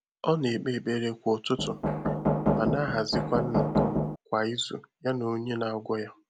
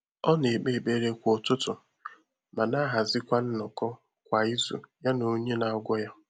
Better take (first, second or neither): second